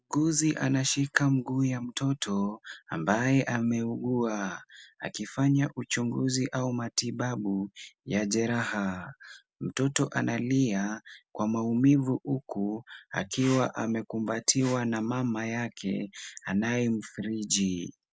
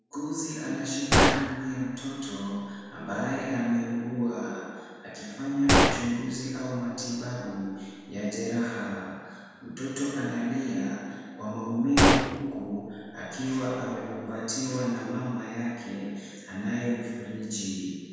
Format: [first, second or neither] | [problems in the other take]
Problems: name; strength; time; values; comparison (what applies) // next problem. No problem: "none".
first | background sound (Gunshot, gunfire); 2 dB above the speech // room echo; dies away in 1.9 s